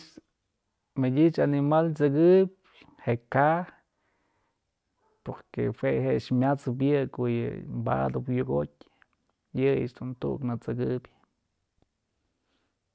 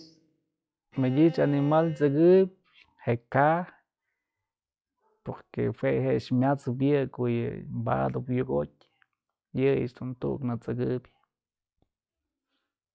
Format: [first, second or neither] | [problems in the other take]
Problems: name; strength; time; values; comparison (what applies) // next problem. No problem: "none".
first | noise reduction (classical method log-MMSE)